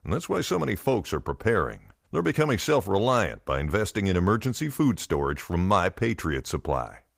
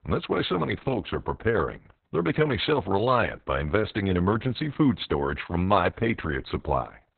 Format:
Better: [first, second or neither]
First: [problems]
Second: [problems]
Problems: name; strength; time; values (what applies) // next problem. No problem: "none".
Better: first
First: garbled, watery; slightly; nothing above 15.5 kHz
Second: garbled, watery; badly; nothing above 4 kHz